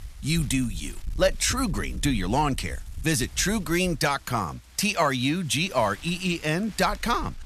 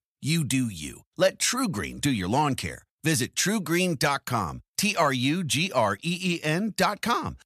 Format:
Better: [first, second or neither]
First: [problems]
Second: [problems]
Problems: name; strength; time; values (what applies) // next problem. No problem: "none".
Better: second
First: wind noise on the microphone; occasional gusts; 25 dB below the speech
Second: none